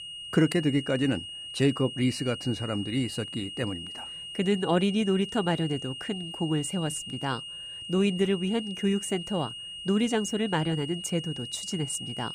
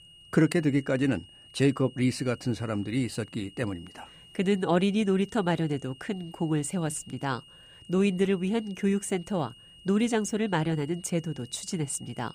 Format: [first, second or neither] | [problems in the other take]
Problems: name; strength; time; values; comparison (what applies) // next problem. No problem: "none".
second | high-pitched whine; loud; throughout; 3 kHz, 8 dB below the speech; faint in the second